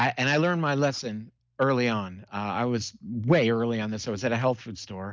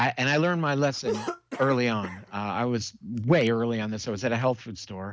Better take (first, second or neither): first